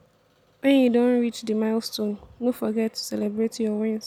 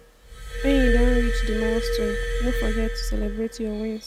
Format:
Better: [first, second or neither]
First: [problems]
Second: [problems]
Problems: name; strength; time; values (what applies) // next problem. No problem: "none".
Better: first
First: none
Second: background sound (Glass); 3 dB above the speech